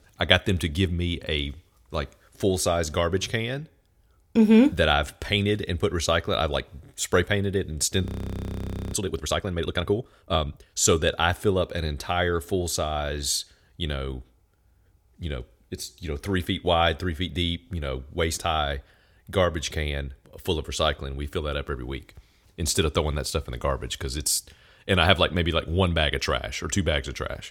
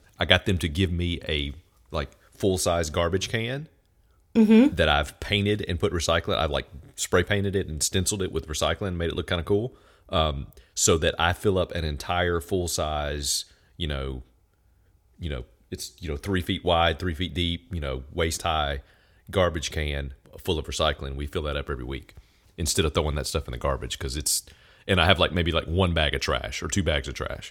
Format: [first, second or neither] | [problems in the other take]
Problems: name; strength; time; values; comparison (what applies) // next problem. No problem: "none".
second | audio freezing; at 8 s for 1 s